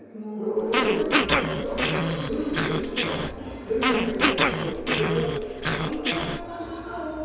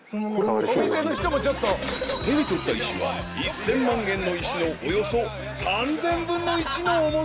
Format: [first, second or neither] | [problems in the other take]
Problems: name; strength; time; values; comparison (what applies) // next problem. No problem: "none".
second | background sound (Growling); 2 dB above the speech // room echo; dies away in 2.2 s